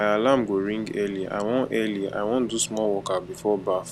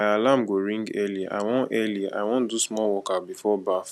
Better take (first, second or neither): second